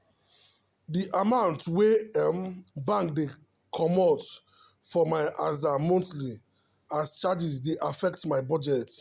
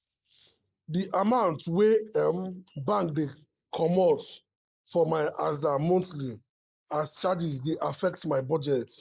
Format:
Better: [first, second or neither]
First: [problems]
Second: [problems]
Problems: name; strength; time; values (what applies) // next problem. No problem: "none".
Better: first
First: none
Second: noise reduction (neural mask model Resemble Enhance denoiser)